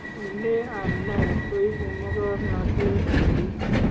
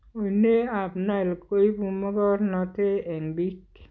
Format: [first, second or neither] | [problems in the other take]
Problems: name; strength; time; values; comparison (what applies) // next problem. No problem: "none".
second | background sound (Subway, metro, underground); 4 dB above the speech // room echo; dies away in 0.9 s